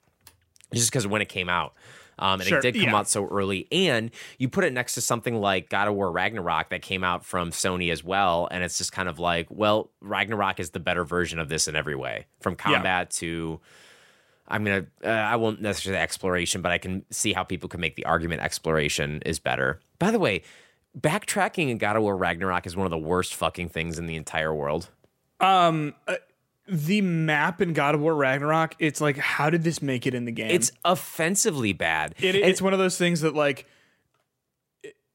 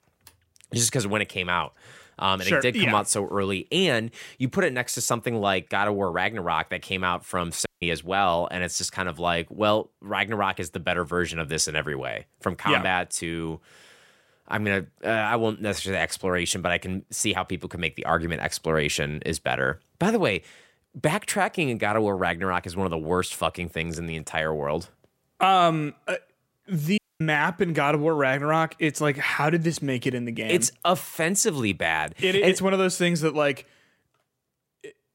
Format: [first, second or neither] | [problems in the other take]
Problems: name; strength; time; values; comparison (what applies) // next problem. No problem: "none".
first | audio cutting out; at 7.5 s and at 27 s